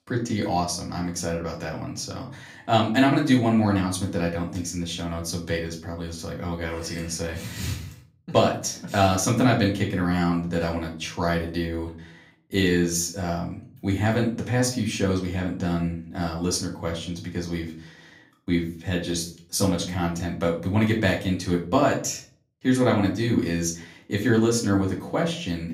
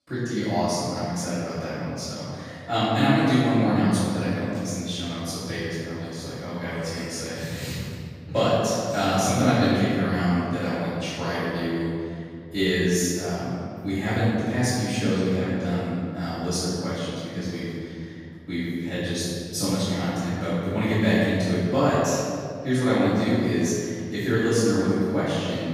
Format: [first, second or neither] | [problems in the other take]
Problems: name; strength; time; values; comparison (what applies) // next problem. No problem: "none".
first | room echo; strong; dies away in 2.1 s; slight in the first // off-mic speech; far; far in the first